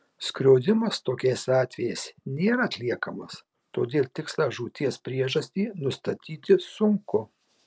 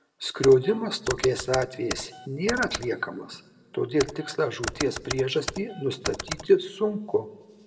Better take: first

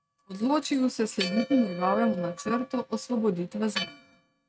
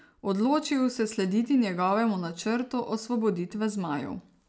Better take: second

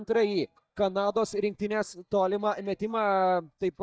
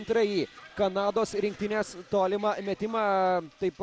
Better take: second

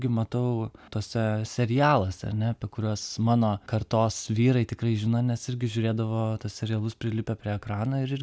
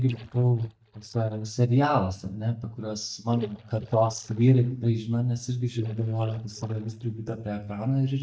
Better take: first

